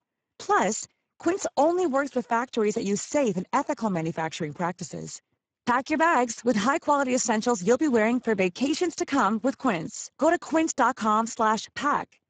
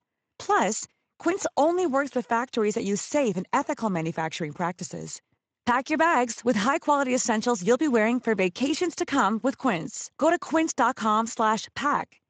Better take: second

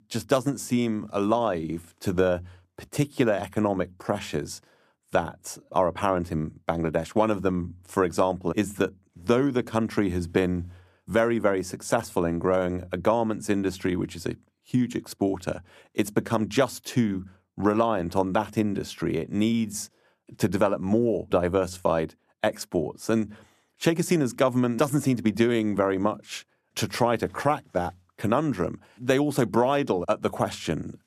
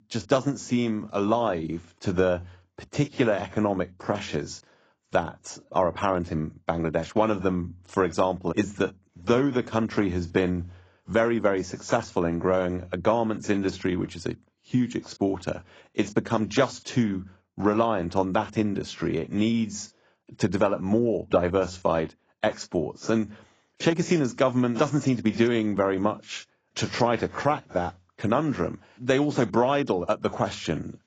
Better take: first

